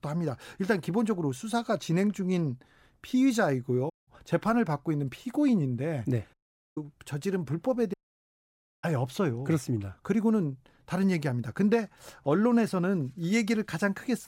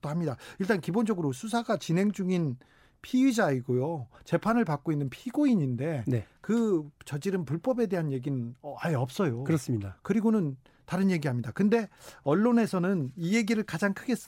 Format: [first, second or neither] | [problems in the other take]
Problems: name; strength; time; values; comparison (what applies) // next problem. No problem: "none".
second | audio cutting out; at 4 s, at 6.5 s and at 8 s for 1 s